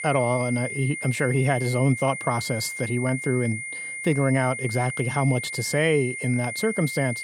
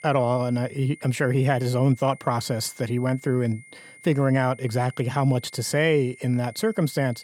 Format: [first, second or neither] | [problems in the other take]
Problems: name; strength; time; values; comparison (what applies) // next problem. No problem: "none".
second | high-pitched whine; loud; throughout; 2 kHz, 6 dB below the speech; faint in the second